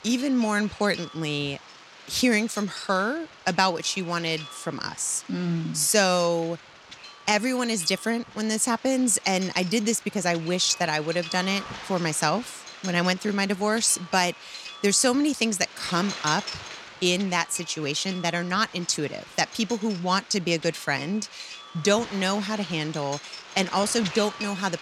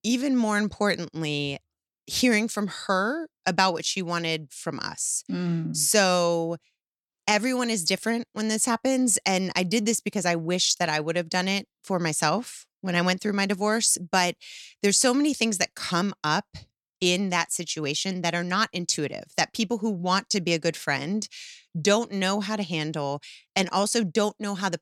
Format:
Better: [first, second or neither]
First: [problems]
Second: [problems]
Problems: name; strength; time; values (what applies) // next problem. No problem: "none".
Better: second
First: wind noise on the microphone; occasional gusts; 15 dB below the speech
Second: none